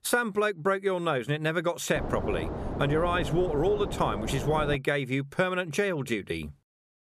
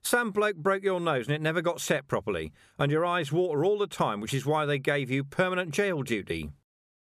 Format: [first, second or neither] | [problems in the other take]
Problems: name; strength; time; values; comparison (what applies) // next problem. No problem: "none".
second | wind noise on the microphone; heavy; from 2 to 5 s; 9 dB below the speech